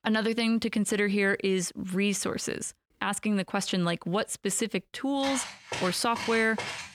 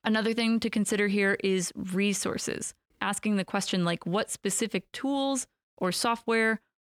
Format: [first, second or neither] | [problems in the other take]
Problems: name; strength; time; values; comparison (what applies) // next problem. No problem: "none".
second | footsteps; noticeable; from 5 s on; peak 6 dB below the speech